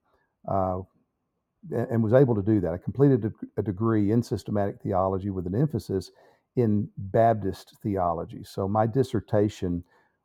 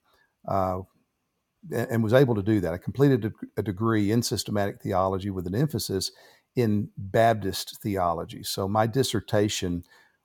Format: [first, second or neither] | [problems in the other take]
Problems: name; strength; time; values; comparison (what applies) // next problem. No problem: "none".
second | muffled; very; fading above 1.5 kHz